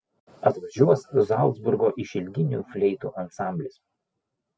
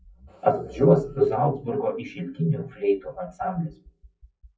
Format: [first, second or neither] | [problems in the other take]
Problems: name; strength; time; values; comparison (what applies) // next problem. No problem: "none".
first | noise reduction (classical method WPE with log-MMSE)